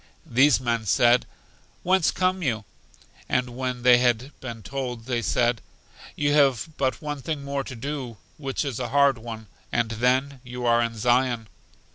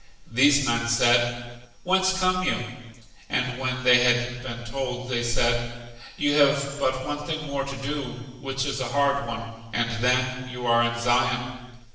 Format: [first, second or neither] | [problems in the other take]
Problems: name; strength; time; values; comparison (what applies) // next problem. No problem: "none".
first | room echo; dies away in 1 s